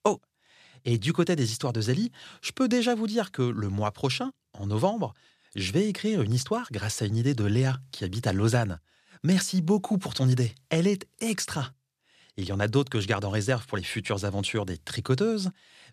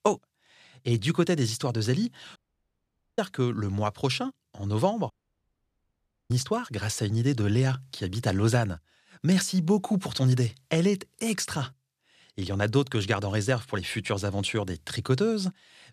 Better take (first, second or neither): first